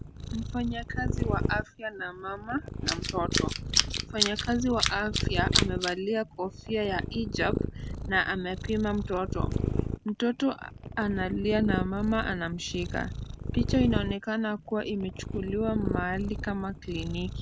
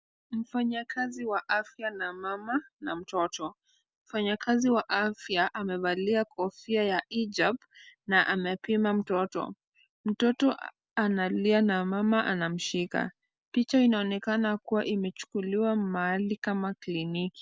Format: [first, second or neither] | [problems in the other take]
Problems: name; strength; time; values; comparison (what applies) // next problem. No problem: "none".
second | background sound (Purr + Tools); 1 dB below the speech